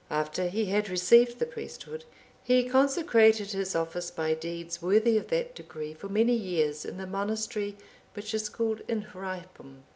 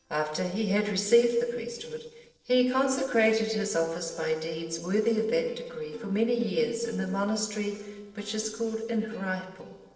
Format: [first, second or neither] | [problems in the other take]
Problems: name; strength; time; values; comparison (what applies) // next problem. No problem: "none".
first | noise reduction (neural separator model SepFormer DNS4)